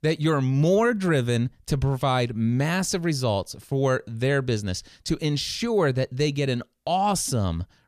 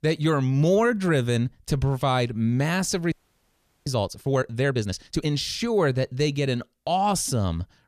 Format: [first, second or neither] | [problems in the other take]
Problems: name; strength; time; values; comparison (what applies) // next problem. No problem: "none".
first | audio freezing; at 3 s for 0.5 s